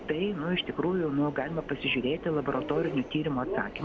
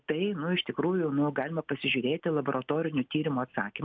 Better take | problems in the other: second | background sound (Subway, metro, underground); 9 dB below the speech

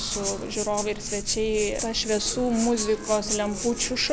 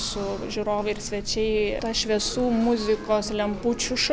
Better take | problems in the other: second | background sound (Rattle (instrument)); 8 dB below the speech

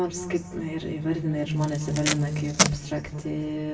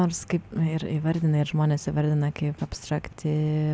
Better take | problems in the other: second | background sound (Packing tape, duct tape); 1 dB below the speech // room echo; dies away in 1.9 s

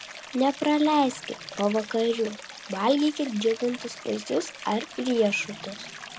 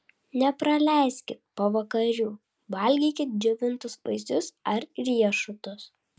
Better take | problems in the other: second | background sound (Stream); 14 dB below the speech

